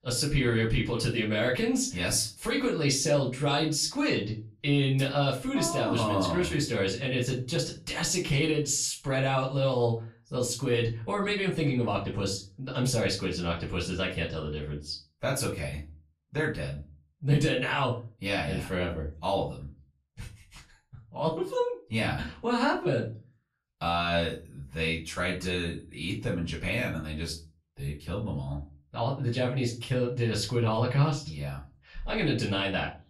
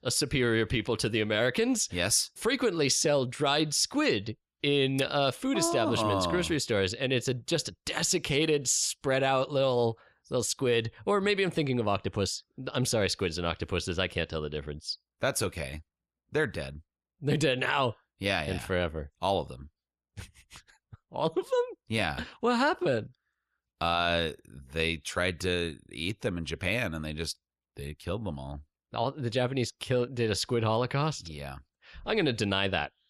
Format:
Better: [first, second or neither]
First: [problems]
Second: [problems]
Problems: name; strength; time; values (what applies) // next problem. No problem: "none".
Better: second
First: off-mic speech; far // room echo; slight; dies away in 0.3 s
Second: none